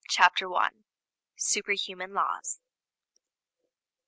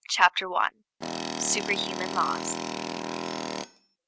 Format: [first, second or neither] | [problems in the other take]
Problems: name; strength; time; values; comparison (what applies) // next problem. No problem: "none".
first | background sound (Tools); 4 dB below the speech